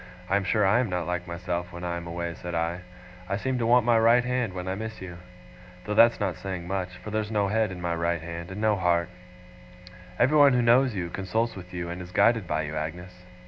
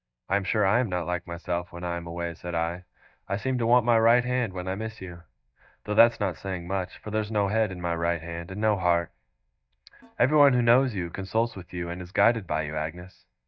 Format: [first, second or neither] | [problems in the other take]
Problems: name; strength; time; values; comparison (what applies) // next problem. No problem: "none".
first | noise reduction (neural mask model DeepFilterNet 3)